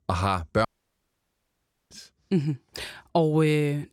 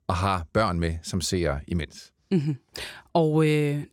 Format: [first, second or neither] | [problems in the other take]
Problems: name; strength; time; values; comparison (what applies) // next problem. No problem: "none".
second | audio cutting out; at 0.5 s for 1.5 s